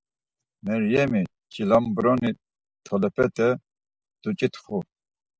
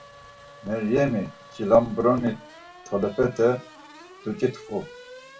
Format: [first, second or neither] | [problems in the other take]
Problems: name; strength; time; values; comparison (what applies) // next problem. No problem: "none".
first | background sound (Race car, auto racing / Accelerating, revving, vroom); 20 dB below the speech // room echo; dies away in 0.2 s